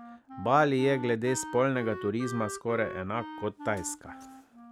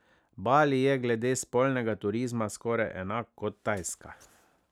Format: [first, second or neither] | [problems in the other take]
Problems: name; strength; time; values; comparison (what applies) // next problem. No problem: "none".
second | background sound (Wind instrument, woodwind instrument); 12 dB below the speech